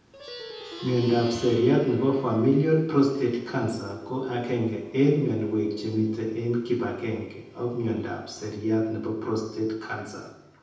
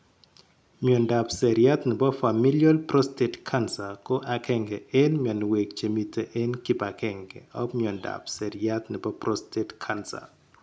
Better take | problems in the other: second | background sound (Plucked string instrument); 19 dB below the speech // room echo; dies away in 0.8 s

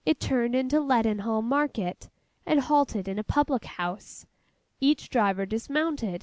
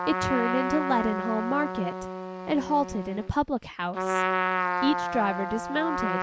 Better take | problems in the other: first | background sound (Trumpet); 1 dB below the speech

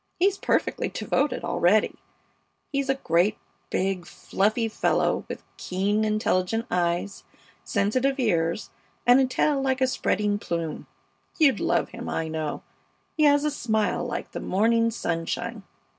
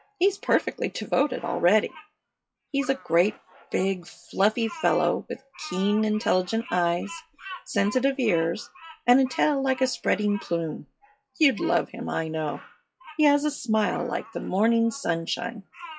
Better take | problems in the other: first | noise reduction (classical method log-MMSE)

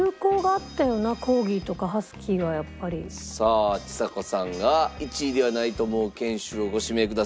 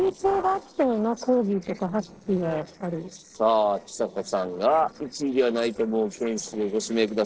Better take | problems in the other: first | noise reduction (neural separator model SepFormer DNS4)

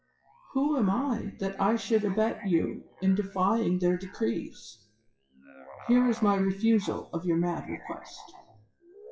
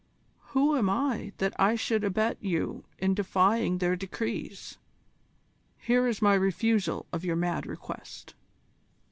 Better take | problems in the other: second | noise reduction (classical method WPE with log-MMSE)

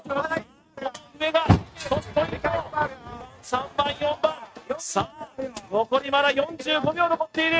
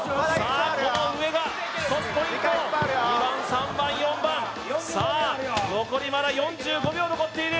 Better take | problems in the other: second | noise reduction (neural mask model RNNoise)

